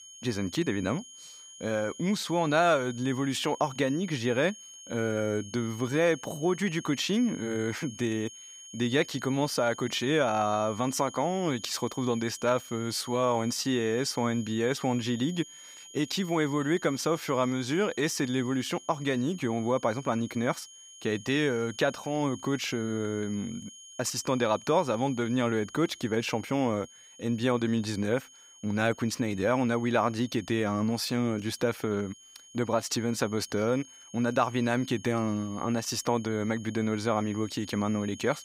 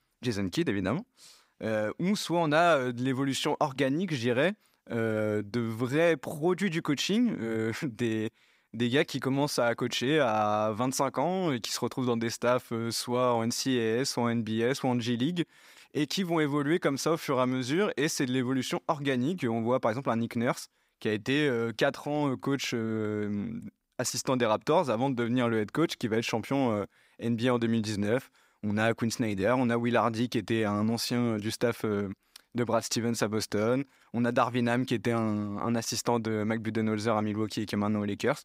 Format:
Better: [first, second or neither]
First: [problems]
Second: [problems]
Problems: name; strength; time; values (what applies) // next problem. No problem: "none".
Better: second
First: high-pitched whine; noticeable; throughout; 6.5 kHz, 15 dB below the speech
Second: none